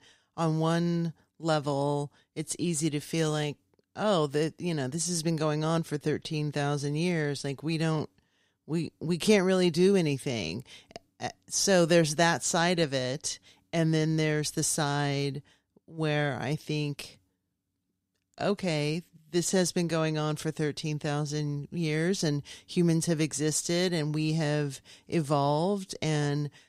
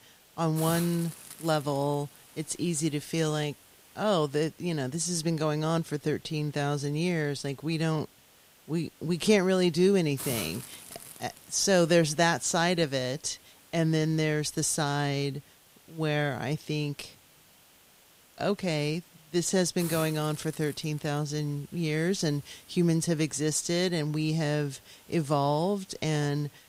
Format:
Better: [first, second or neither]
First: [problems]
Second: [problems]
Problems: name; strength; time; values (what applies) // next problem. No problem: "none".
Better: first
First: none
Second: hiss; noticeable; throughout; 20 dB below the speech